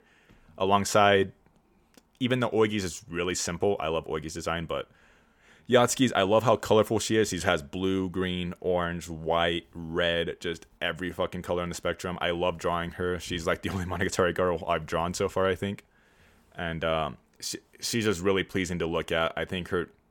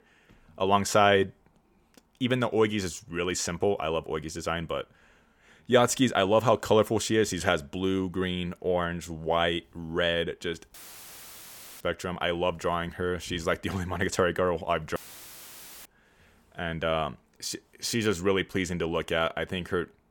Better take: first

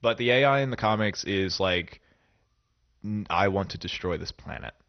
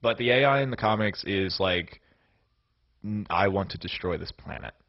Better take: first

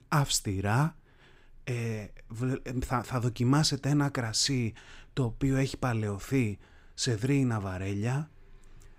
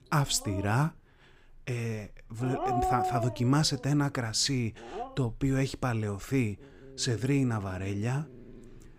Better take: first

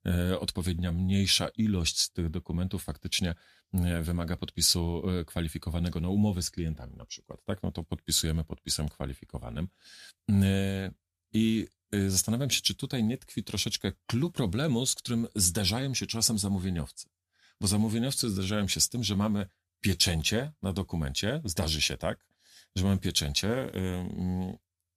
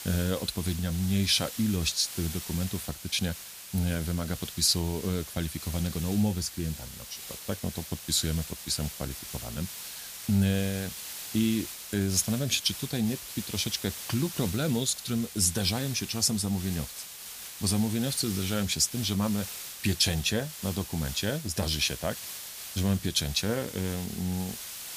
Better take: first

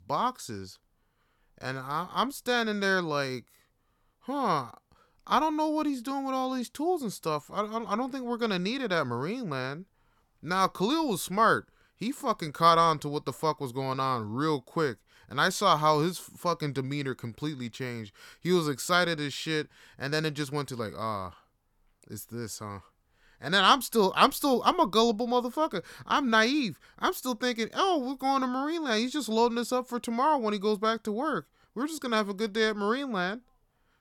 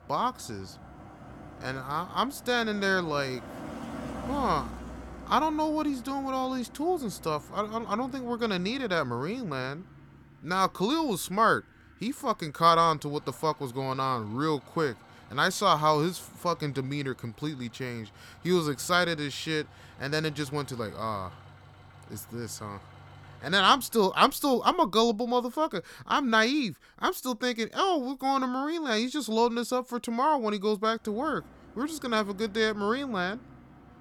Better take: first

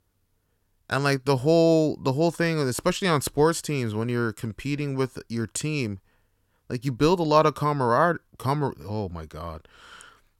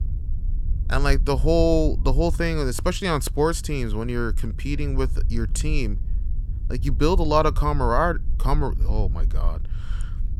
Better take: first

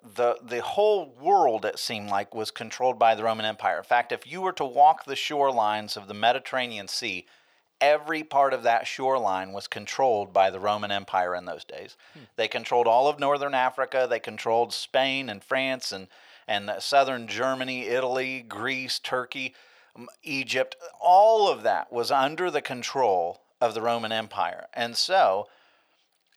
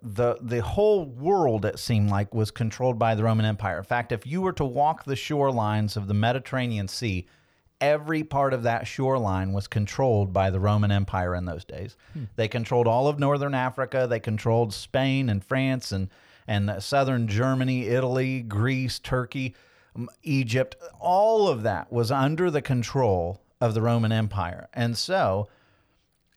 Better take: second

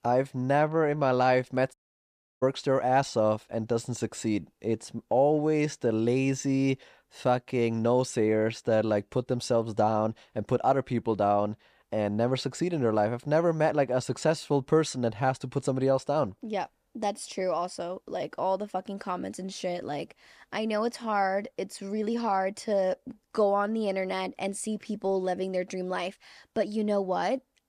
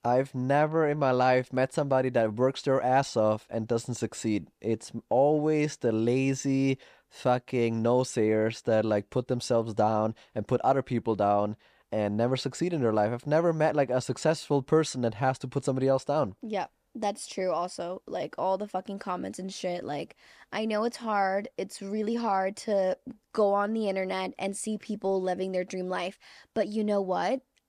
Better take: second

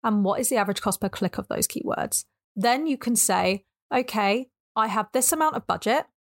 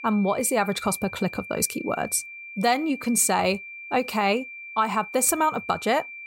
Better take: first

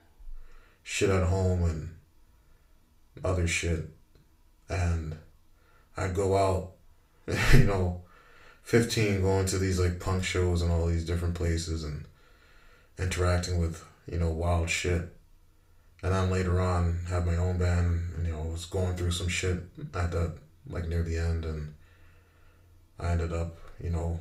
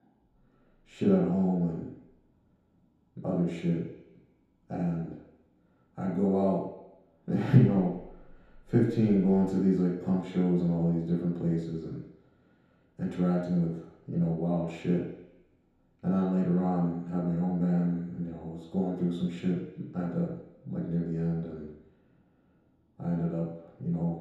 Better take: first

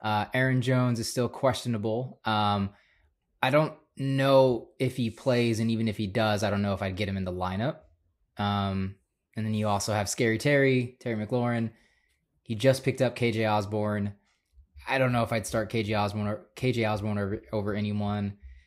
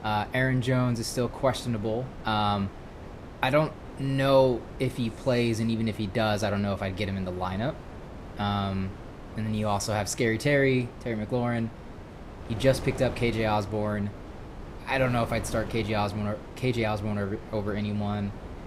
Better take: first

